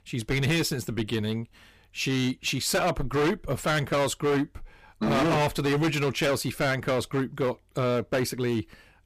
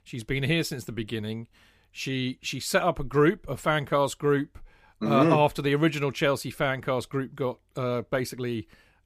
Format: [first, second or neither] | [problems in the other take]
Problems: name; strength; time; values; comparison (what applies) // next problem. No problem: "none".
second | distortion; heavy; 16% of the sound clipped